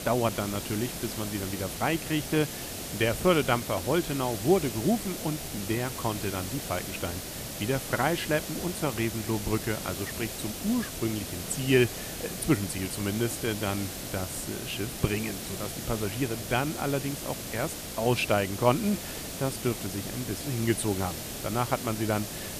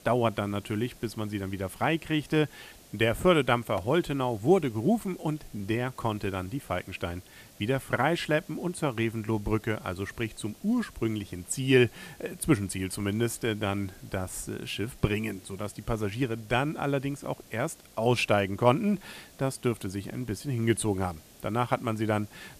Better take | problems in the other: second | hiss; loud; throughout; 6 dB below the speech; faint in the second

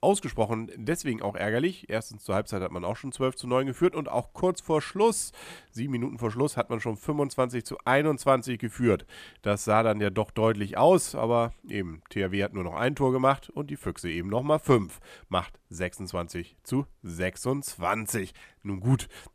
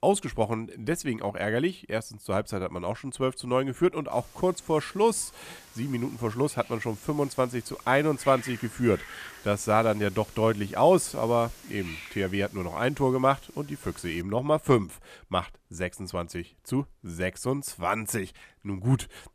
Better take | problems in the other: first | hiss; noticeable; from 4 to 14 s; 20 dB below the speech

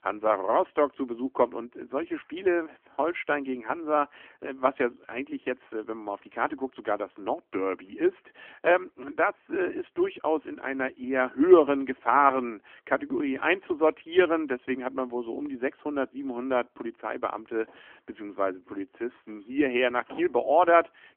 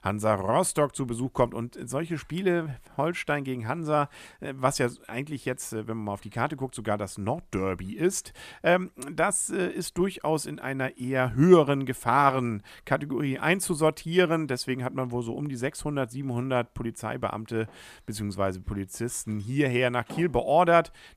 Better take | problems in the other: second | phone-call audio; nothing above 3 kHz

